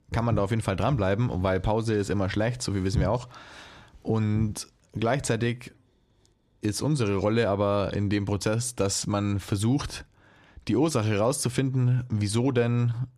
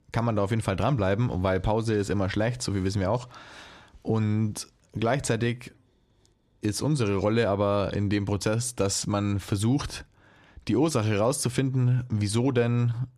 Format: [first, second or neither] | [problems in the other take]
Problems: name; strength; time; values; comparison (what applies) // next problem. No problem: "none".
second | footsteps; noticeable; until 4.5 s; peak 3 dB below the speech